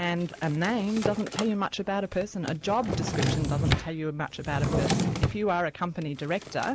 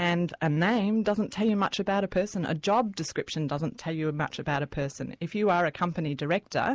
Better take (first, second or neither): second